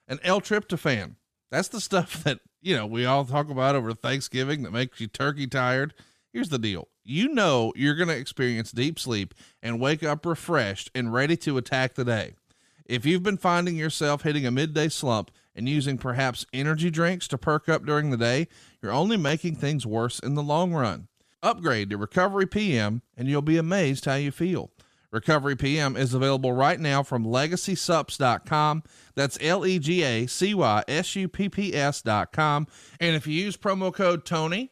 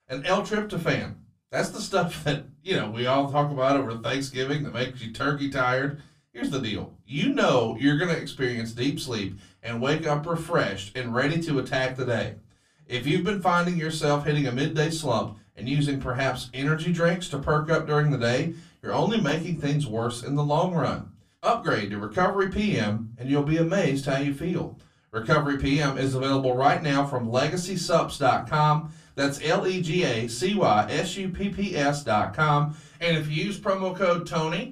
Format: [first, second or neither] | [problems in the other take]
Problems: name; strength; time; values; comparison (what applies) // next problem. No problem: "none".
first | off-mic speech; far // room echo; very slight; dies away in 0.2 s